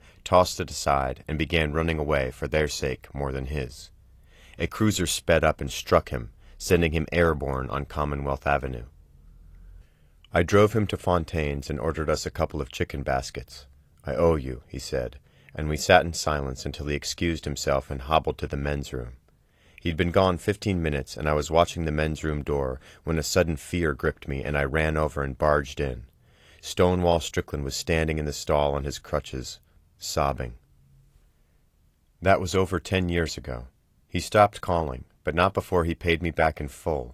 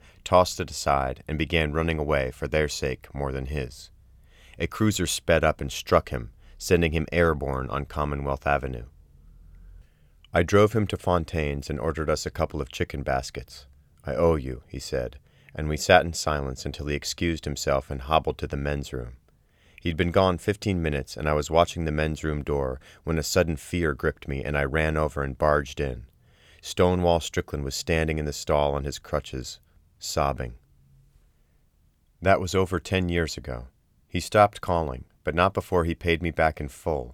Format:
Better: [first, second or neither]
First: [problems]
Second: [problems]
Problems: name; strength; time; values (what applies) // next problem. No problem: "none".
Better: second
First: garbled, watery; slightly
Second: none